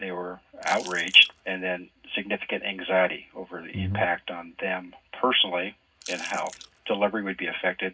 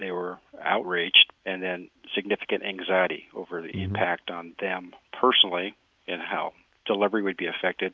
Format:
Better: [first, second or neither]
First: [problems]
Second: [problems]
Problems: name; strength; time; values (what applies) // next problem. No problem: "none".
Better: second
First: background sound (Chewing, mastication / Crushing); 16 dB below the speech // room echo; dies away in 0.4 s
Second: none